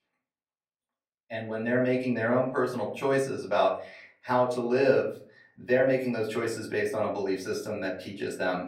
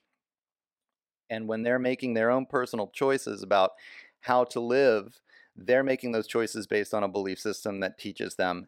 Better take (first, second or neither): second